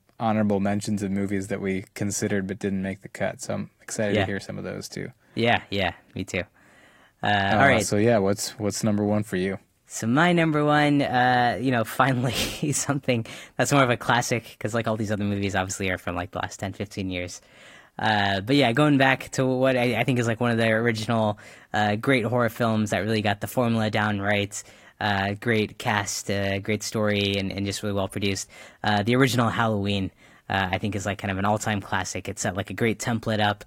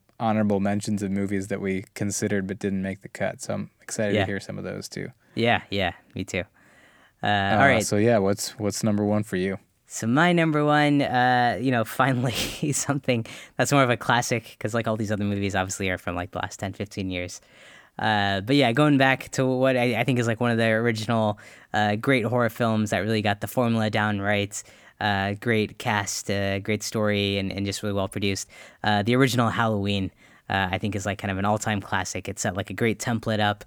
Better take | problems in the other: second | garbled, watery; slightly; nothing above 16 kHz

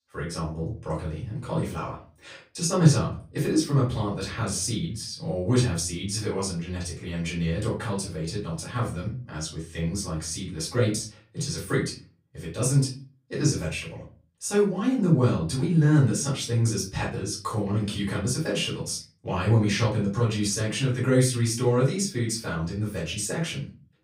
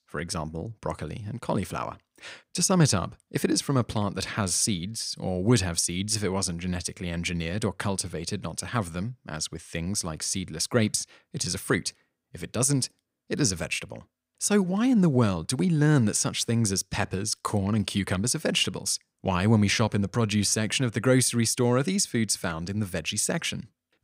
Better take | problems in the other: second | off-mic speech; far // room echo; slight; dies away in 0.3 s

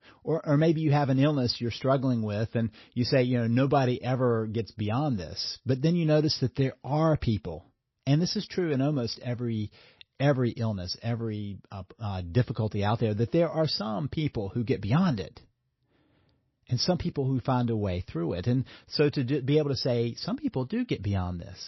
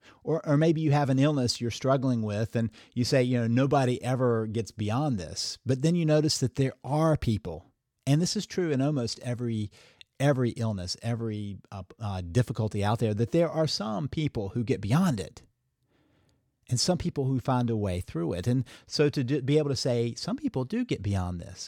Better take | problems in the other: second | garbled, watery; slightly; nothing above 5.5 kHz

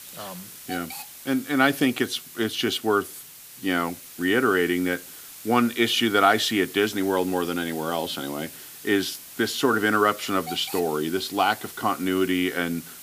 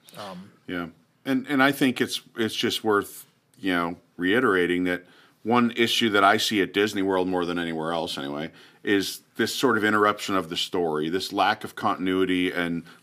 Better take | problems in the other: second | hiss; noticeable; throughout; 15 dB below the speech

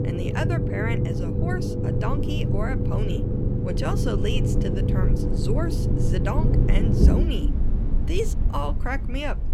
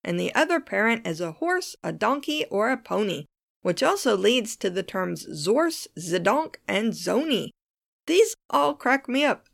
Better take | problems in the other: second | low rumble; loud; throughout; as loud as the speech

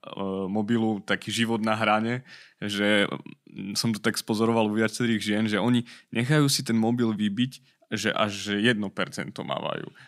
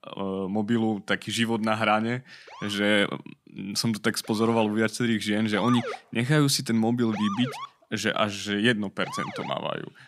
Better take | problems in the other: first | siren; noticeable; from 2.5 to 9.5 s; peak 6 dB below the speech

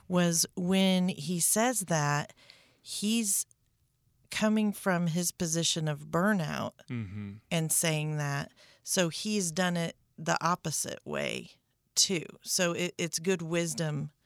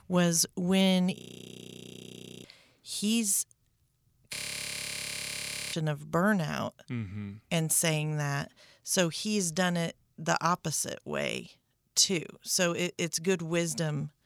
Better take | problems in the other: first | audio freezing; at 1 s for 1.5 s and at 4.5 s for 1.5 s

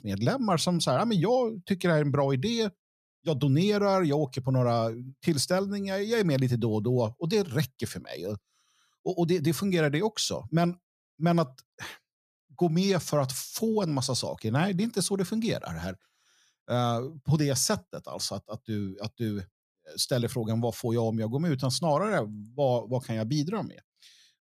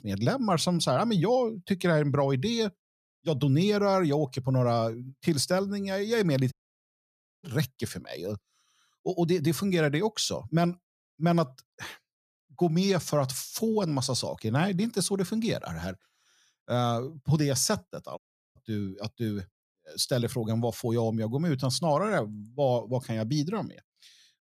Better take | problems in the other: first | audio cutting out; at 6.5 s for 1 s and at 18 s

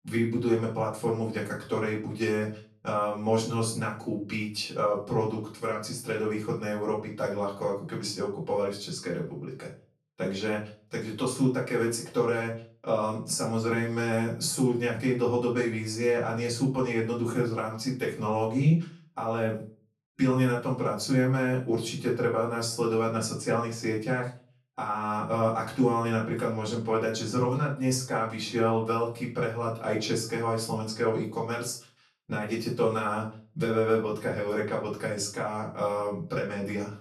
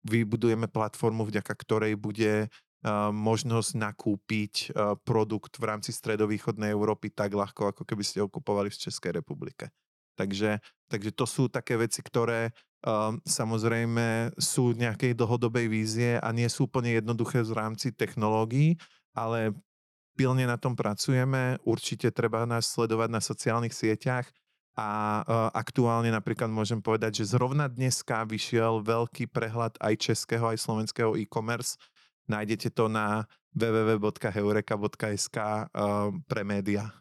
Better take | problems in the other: second | room echo; slight; dies away in 0.3 s // off-mic speech; far

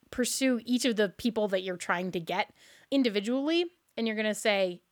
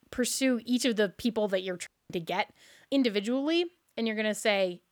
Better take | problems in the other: first | audio cutting out; at 2 s

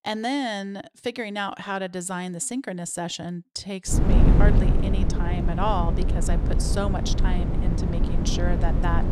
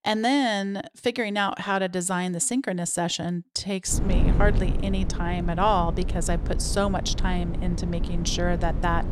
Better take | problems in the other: second | wind noise on the microphone; heavy; from 4 s on; 4 dB below the speech; occasional gusts in the second

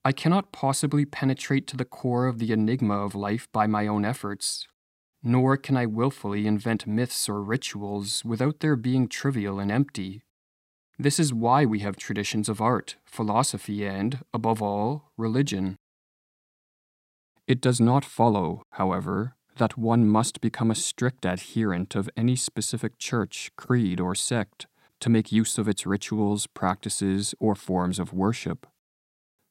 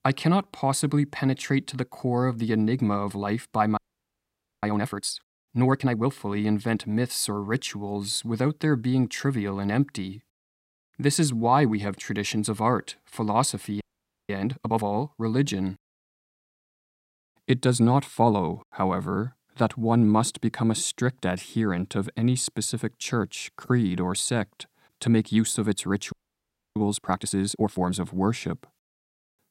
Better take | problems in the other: first | audio freezing; at 4 s for 1 s, at 14 s and at 26 s for 0.5 s

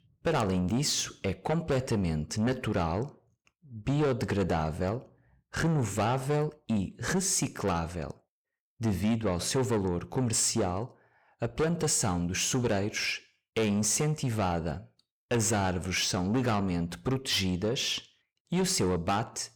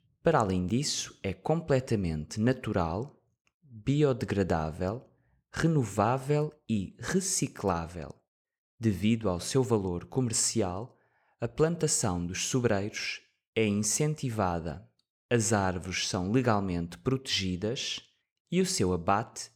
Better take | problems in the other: second | distortion; heavy; 8 dB below the speech

